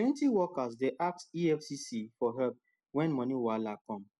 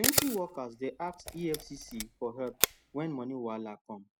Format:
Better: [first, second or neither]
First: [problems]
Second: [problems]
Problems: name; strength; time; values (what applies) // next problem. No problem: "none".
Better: first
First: none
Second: background sound (Camera); 2 dB above the speech